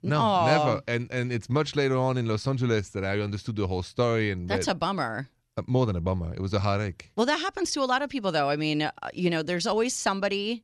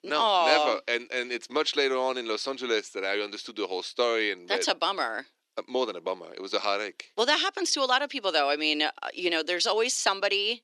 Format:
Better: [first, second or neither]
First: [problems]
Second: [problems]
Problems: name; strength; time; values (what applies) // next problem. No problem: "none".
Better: first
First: none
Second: thin; very; fading below 300 Hz